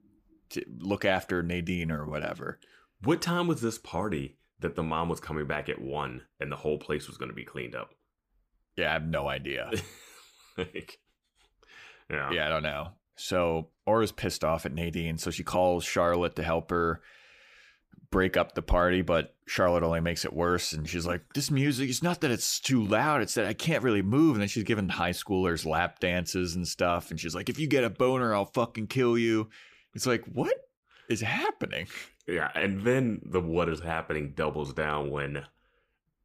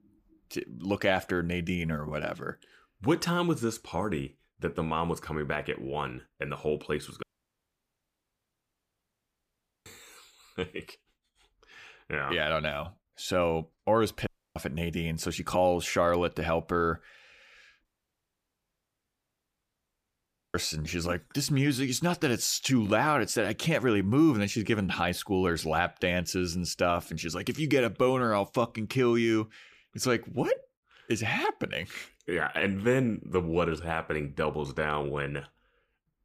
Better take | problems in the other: first | audio cutting out; at 7 s for 2.5 s, at 14 s and at 18 s for 2.5 s

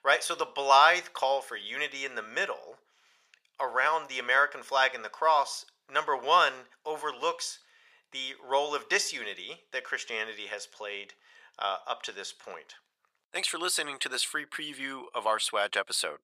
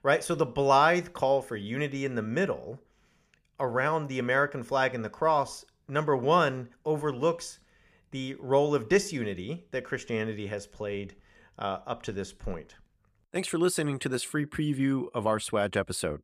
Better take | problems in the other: second | thin; very; fading below 850 Hz

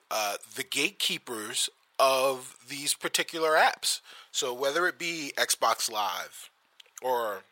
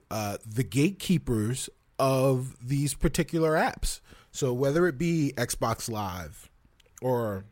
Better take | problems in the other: second | thin; very; fading below 800 Hz

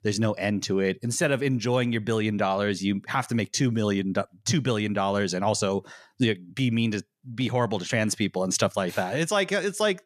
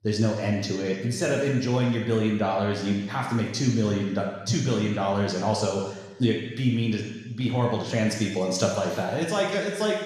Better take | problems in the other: first | room echo; noticeable; dies away in 1.1 s // off-mic speech; somewhat distant

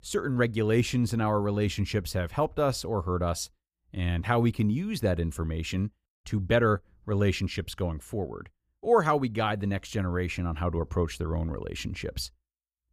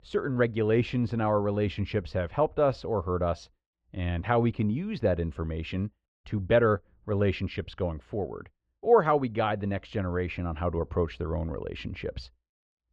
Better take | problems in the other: first | muffled; slightly; fading above 3.5 kHz

